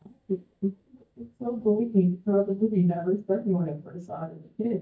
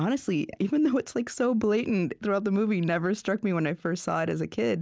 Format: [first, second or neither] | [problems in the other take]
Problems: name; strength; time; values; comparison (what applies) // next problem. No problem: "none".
second | noise reduction (neural mask model DeepFilterNet 3)